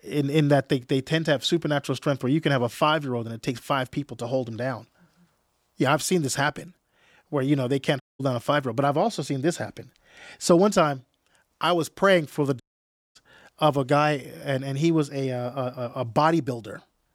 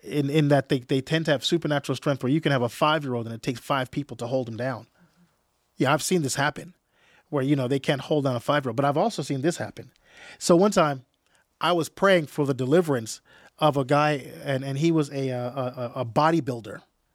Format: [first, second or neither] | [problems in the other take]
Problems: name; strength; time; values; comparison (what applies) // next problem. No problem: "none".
second | audio cutting out; at 8 s and at 13 s for 0.5 s